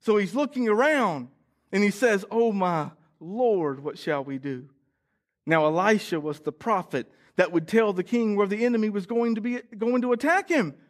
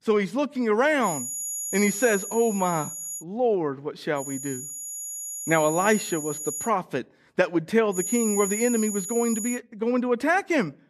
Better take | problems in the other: first | high-pitched whine; loud; from 1 to 3 s, from 4 to 6.5 s and from 8 to 9.5 s; 7 kHz, 6 dB below the speech

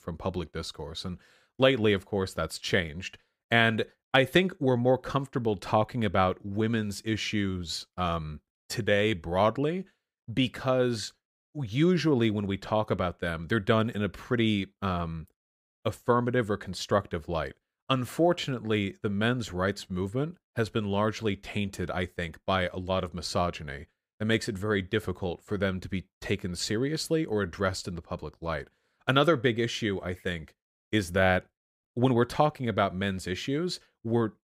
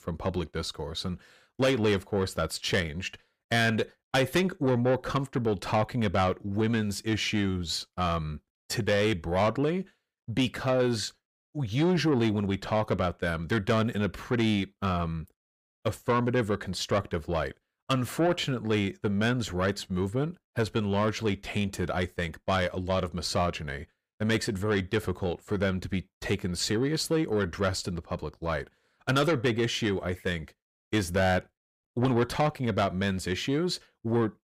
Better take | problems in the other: first | distortion; slight; 10 dB below the speech

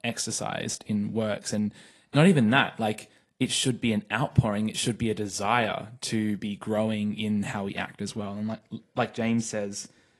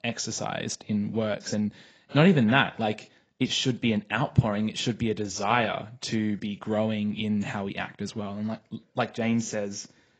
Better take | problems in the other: first | garbled, watery; badly; nothing above 7.5 kHz; slightly in the first

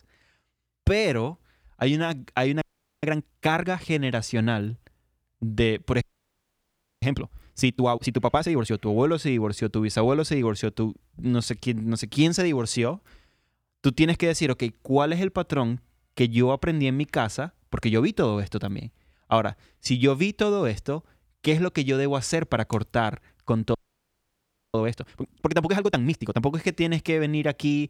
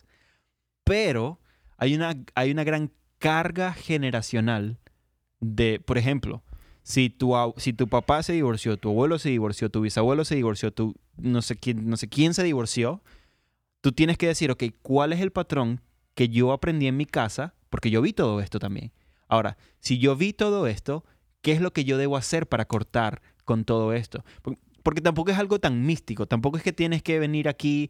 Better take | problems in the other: second | audio freezing; at 2.5 s, at 6 s for 1 s and at 24 s for 1 s

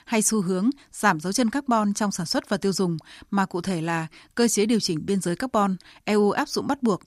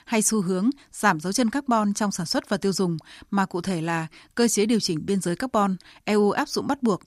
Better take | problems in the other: neither | none

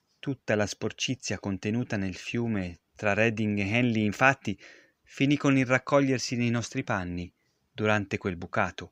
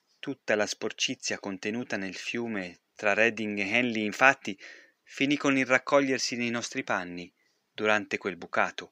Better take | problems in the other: first | thin; very slightly; fading below 300 Hz

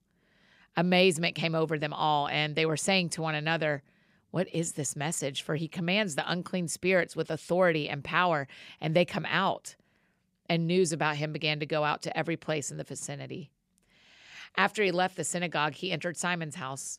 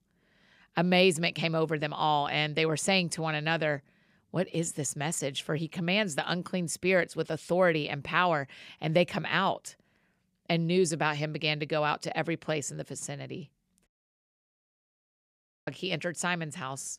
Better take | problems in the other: first | audio cutting out; at 14 s for 2 s

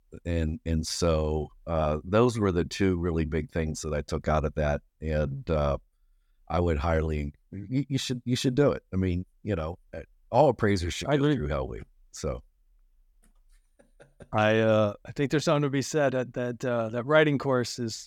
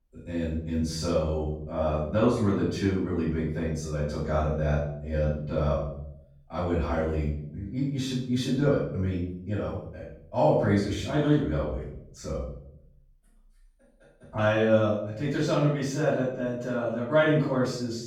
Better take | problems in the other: first | off-mic speech; far // room echo; noticeable; dies away in 0.6 s

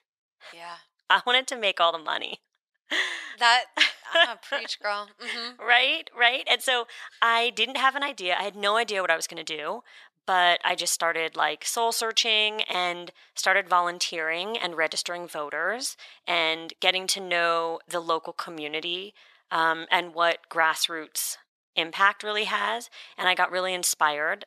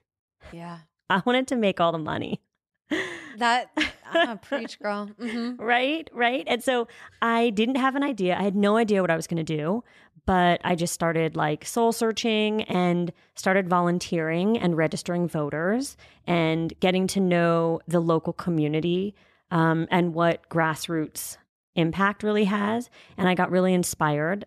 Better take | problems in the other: second | thin; very; fading below 850 Hz

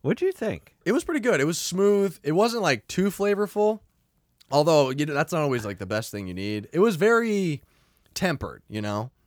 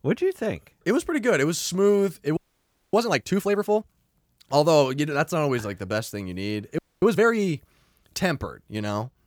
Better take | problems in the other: first | audio freezing; at 2.5 s for 0.5 s and at 7 s

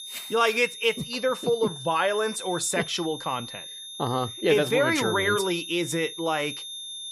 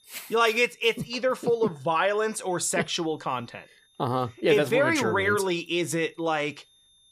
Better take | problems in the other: second | high-pitched whine; loud; throughout; 3.5 kHz, 10 dB below the speech; faint in the second

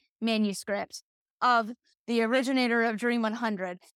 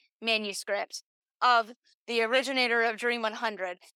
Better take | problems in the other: first | thin; somewhat; fading below 500 Hz

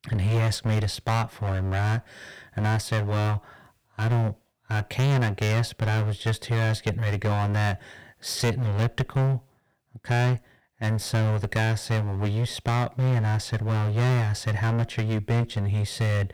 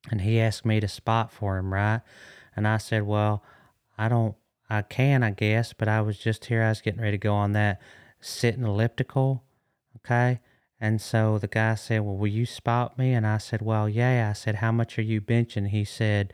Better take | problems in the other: second | distortion; heavy; 14% of the sound clipped

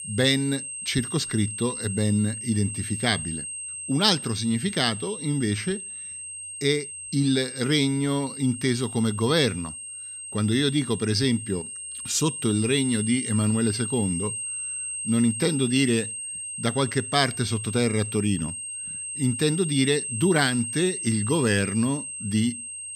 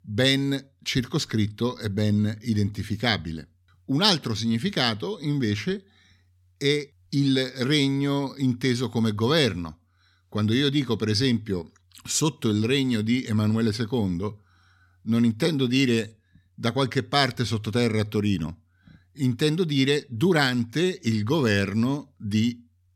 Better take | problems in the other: second | high-pitched whine; loud; throughout; 8.5 kHz, 6 dB below the speech

